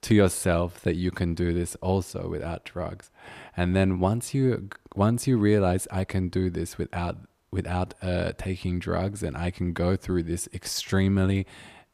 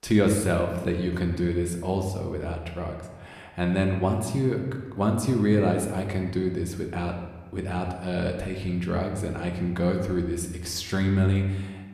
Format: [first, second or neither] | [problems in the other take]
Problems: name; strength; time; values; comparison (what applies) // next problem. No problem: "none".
first | room echo; slight; dies away in 1 s